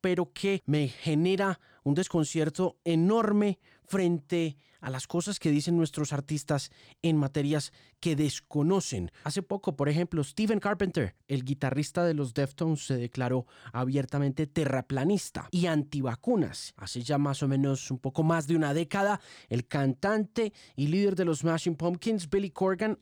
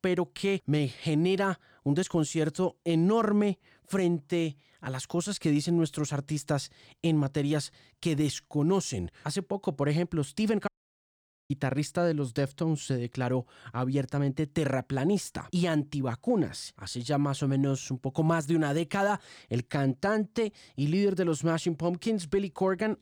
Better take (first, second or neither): first